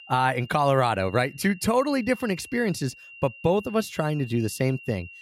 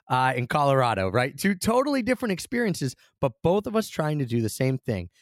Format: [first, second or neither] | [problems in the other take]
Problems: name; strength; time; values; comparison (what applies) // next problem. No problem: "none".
second | high-pitched whine; noticeable; throughout; 3 kHz, 20 dB below the speech